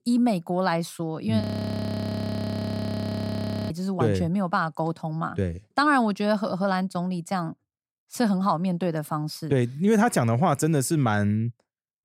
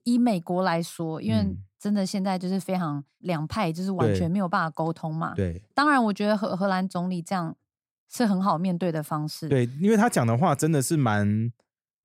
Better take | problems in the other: second | audio freezing; at 1.5 s for 2.5 s

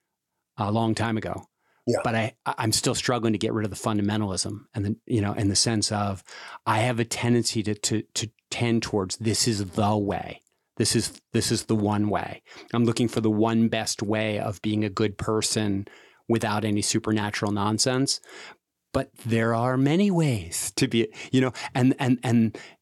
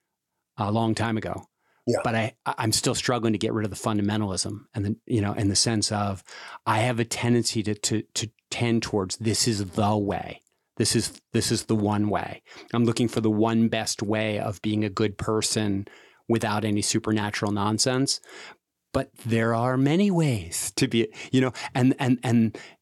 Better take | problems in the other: neither | none

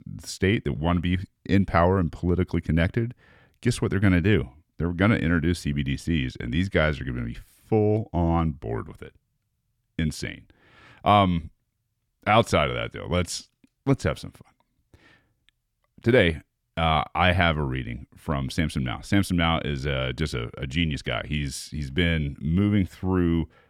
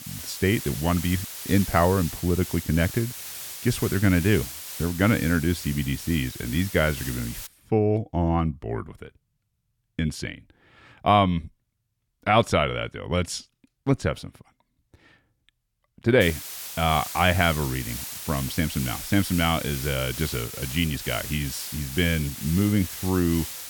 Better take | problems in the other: first | hiss; loud; until 7.5 s and from 16 s on; 9 dB below the speech

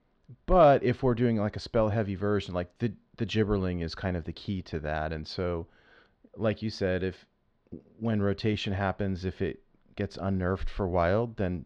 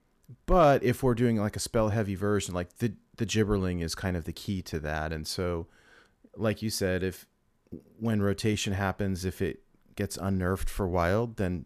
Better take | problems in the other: second | muffled; slightly; fading above 4 kHz

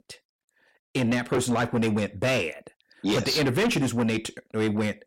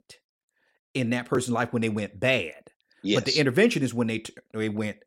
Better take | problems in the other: second | distortion; heavy; 6 dB below the speech

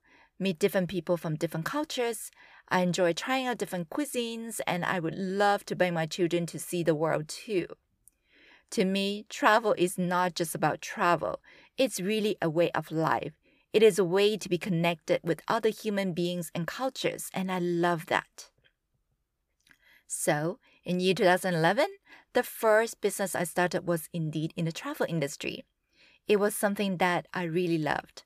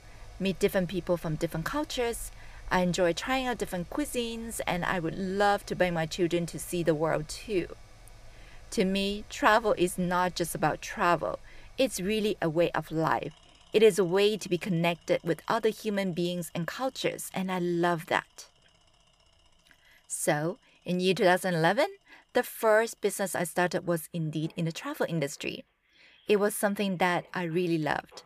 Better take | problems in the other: first | machinery noise; faint; throughout; 25 dB below the speech

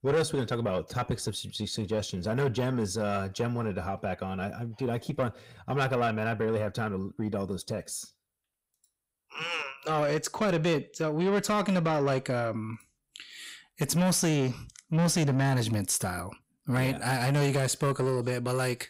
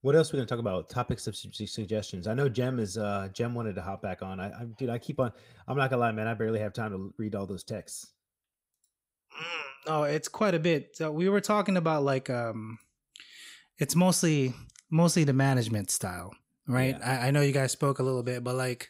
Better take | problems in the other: second | distortion; slight; 10 dB below the speech

